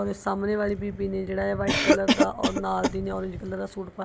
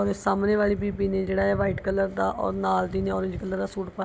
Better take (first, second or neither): second